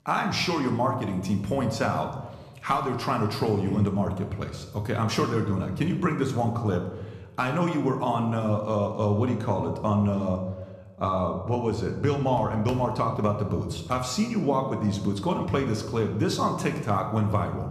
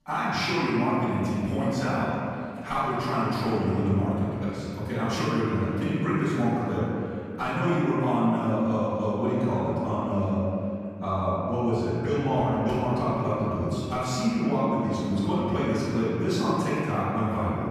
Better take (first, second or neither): first